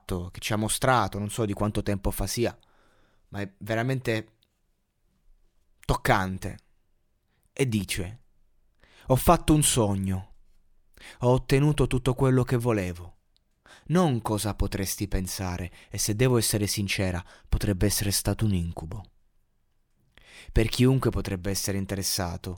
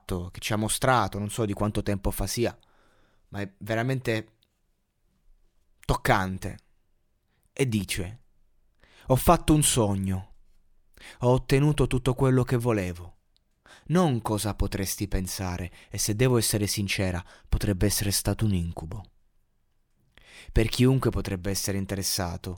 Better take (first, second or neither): neither